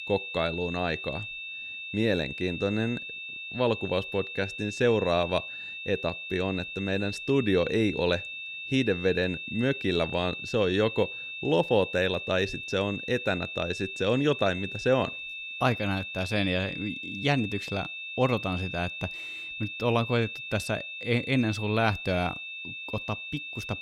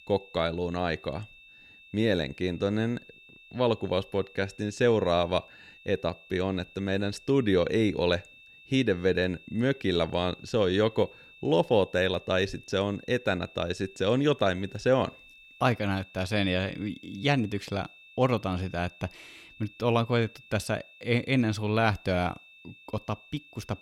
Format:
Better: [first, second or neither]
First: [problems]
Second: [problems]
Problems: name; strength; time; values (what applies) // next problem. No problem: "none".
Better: second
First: high-pitched whine; loud; throughout; 2.5 kHz, 7 dB below the speech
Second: high-pitched whine; faint; throughout; 2.5 kHz, 20 dB below the speech